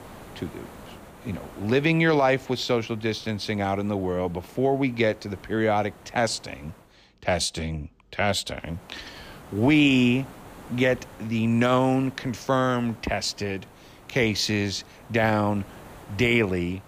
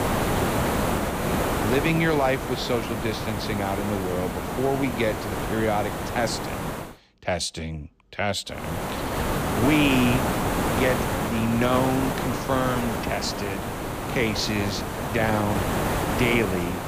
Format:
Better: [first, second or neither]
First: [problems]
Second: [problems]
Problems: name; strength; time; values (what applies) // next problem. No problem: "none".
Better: first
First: hiss; faint; until 7 s and from 8.5 s on; 20 dB below the speech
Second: hiss; loud; until 7 s and from 8.5 s on; 1 dB below the speech